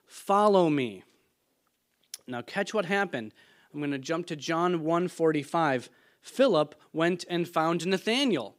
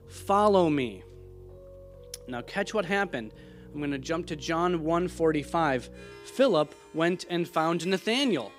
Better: first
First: none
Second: background music; faint; throughout; 20 dB below the speech

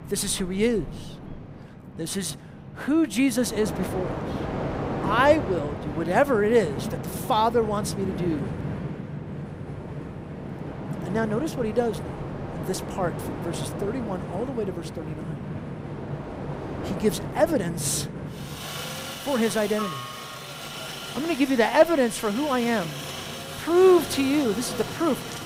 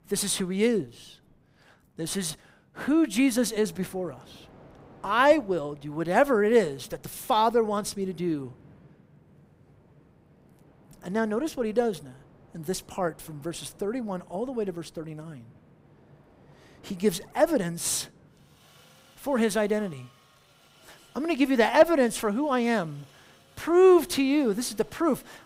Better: second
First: train or aircraft noise; loud; throughout; 9 dB below the speech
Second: train or aircraft noise; faint; throughout; 30 dB below the speech

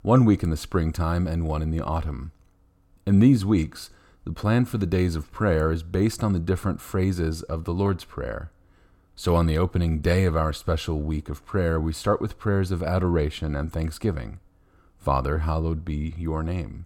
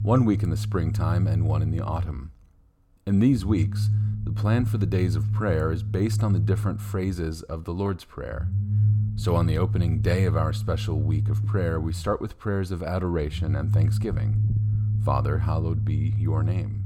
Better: first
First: none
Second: low rumble; loud; throughout; 9 dB below the speech

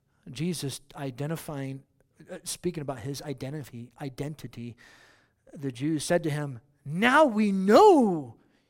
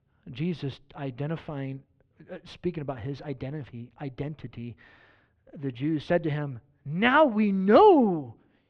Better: first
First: none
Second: muffled; slightly; fading above 3 kHz

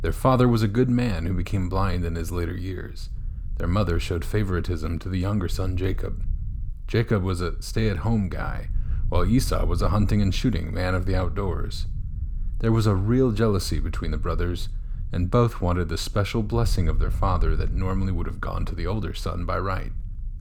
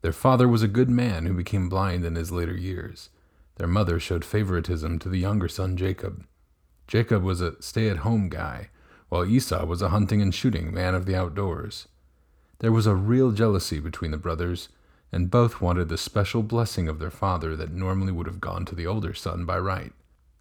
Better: second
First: low rumble; faint; throughout; 25 dB below the speech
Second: none

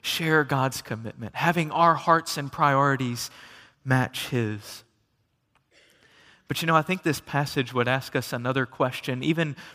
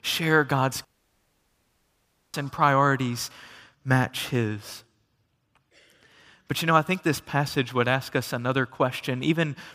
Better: first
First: none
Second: audio cutting out; at 1 s for 1.5 s

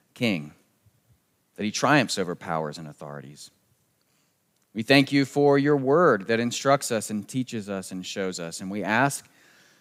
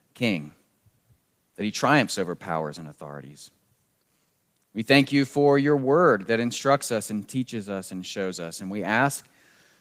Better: first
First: none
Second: garbled, watery; slightly; nothing above 15.5 kHz

